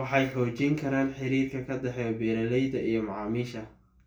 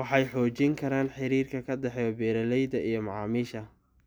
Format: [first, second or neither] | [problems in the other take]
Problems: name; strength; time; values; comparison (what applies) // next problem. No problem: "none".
second | room echo; dies away in 0.3 s